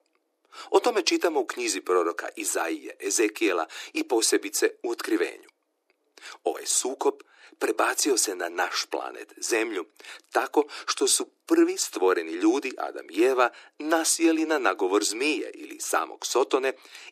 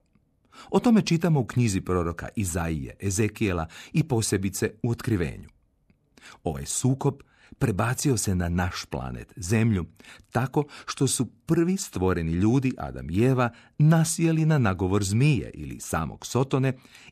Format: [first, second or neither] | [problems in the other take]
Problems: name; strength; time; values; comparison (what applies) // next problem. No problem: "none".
second | thin; very; fading below 300 Hz